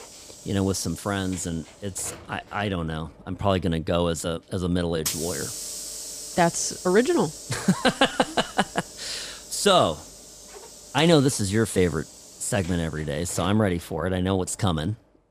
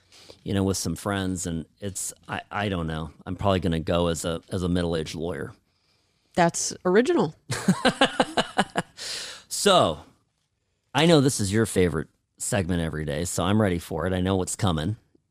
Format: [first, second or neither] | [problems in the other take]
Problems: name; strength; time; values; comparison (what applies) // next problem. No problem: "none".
second | hiss; noticeable; throughout; 10 dB below the speech